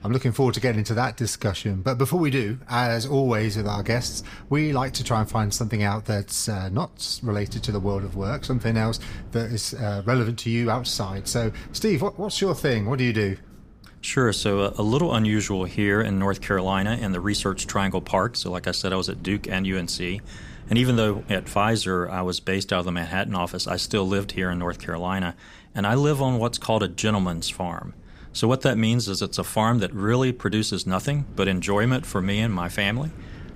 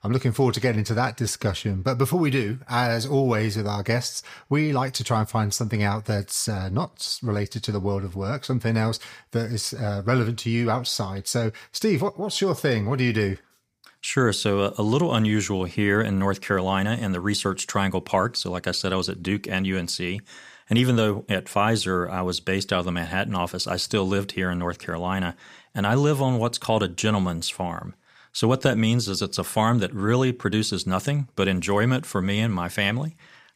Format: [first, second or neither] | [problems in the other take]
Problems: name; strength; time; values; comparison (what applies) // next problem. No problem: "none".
second | wind noise on the microphone; occasional gusts; 25 dB below the speech